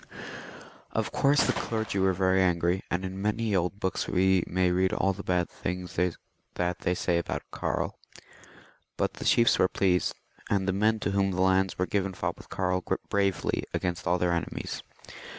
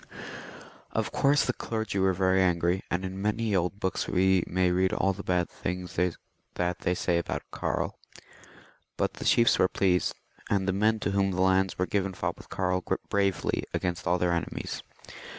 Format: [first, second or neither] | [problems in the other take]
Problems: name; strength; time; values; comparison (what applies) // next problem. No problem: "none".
second | background sound (Gunshot, gunfire); 8 dB below the speech